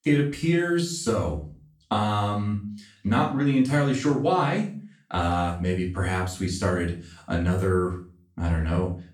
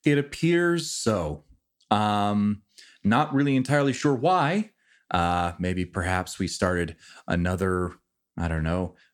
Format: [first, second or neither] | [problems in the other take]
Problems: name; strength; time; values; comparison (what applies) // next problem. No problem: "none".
second | off-mic speech; far // room echo; slight; dies away in 0.4 s